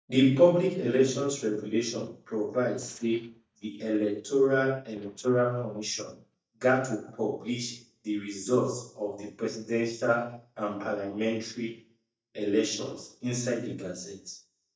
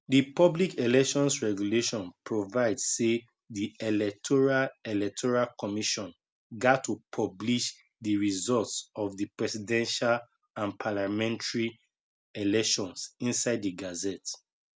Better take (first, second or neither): second